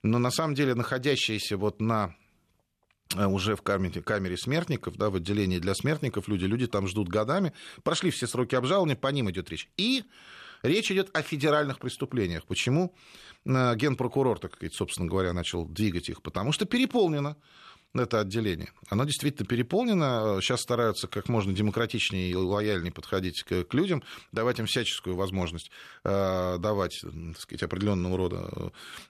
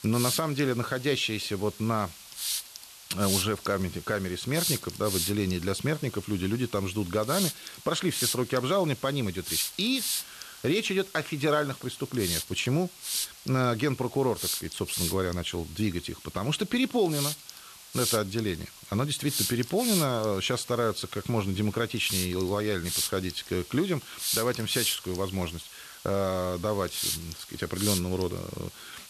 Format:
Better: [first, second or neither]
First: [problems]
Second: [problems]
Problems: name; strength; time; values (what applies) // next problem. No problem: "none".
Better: first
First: none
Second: hiss; loud; throughout; 2 dB below the speech